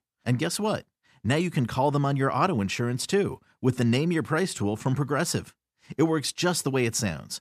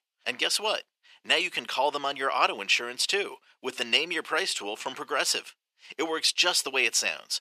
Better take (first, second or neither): first